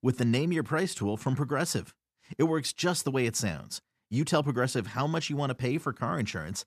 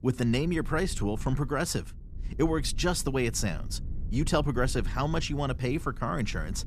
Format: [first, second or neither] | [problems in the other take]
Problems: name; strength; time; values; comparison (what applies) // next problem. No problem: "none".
first | low rumble; faint; throughout; 25 dB below the speech